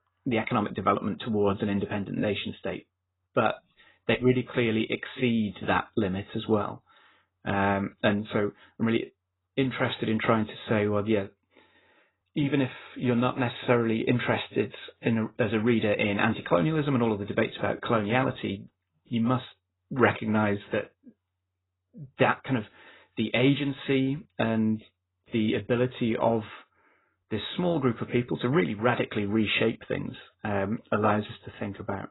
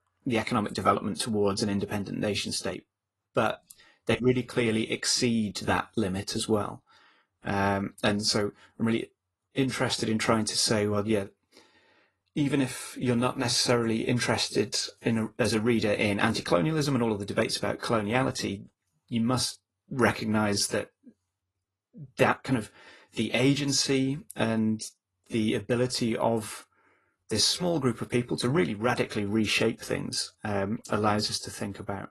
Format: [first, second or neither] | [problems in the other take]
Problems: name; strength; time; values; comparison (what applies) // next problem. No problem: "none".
second | garbled, watery; badly; nothing above 4 kHz; slightly in the second